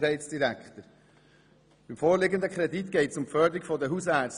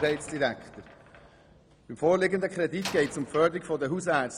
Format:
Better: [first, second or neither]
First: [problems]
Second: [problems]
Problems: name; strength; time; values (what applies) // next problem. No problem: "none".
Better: first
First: none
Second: background sound (Slam); 17 dB below the speech